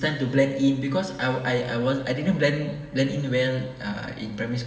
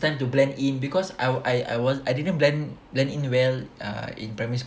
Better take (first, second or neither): second